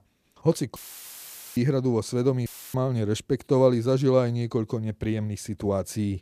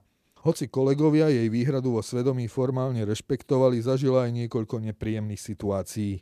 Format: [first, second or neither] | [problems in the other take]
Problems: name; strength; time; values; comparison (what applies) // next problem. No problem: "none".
second | audio cutting out; filled with static; at 1 s for 1 s and at 2.5 s